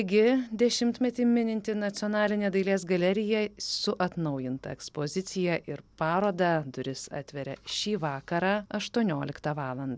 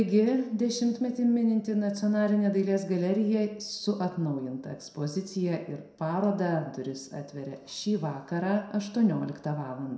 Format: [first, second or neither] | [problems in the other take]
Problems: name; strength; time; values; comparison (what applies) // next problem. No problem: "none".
first | room echo; dies away in 0.5 s